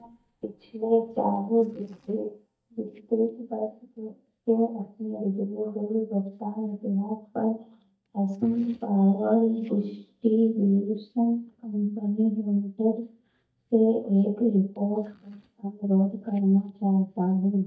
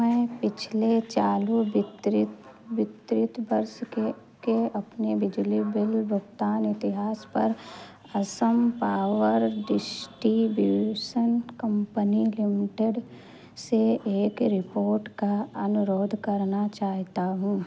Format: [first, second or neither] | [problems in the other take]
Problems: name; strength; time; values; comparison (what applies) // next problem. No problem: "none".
second | noise reduction (neural mask model DeepFilterNet 3)